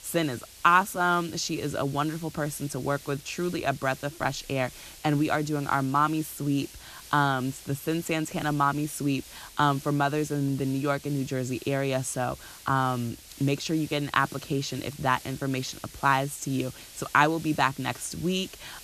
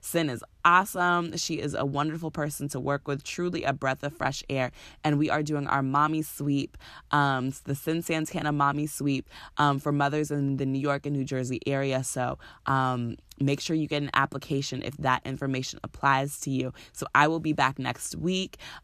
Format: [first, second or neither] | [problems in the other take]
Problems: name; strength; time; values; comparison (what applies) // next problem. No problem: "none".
second | hiss; noticeable; throughout; 15 dB below the speech